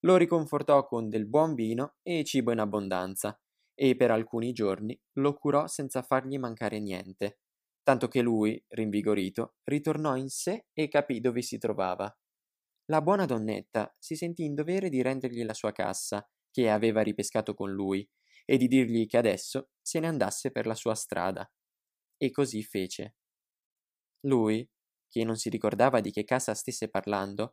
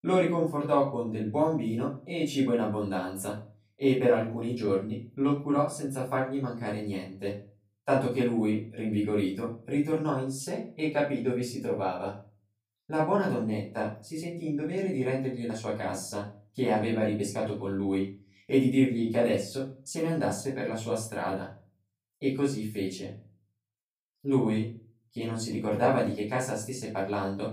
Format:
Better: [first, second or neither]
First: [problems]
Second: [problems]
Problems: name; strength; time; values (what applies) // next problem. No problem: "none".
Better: first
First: none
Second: off-mic speech; far // room echo; slight; dies away in 0.4 s